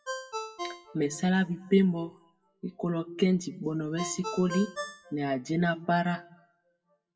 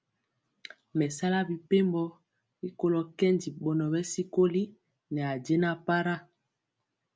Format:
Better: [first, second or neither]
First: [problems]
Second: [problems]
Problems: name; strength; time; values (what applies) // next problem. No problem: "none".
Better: second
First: noise reduction (classical method WPE with log-MMSE)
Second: none